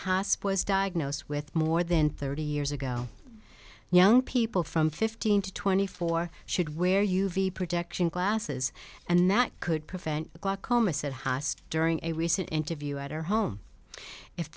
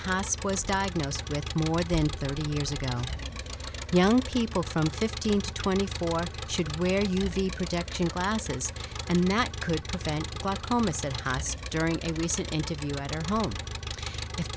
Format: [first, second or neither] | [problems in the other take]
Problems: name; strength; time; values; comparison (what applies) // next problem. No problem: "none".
first | background sound (Engine); 7 dB below the speech